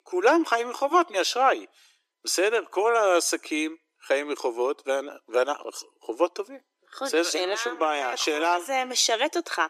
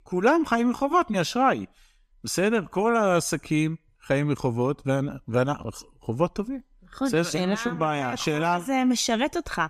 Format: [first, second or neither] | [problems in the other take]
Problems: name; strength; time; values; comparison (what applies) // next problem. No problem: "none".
second | thin; very; fading below 350 Hz